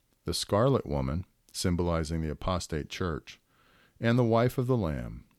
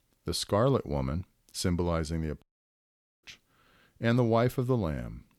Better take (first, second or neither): first